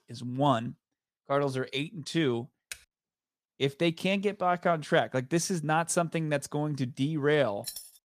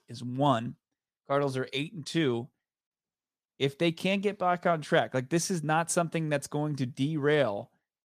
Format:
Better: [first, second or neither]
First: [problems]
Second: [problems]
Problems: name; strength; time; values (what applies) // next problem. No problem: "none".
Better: second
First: keyboard typing; faint; at 2.5 s; peak 15 dB below the speech // jangling keys; faint; at 7.5 s; peak 10 dB below the speech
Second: none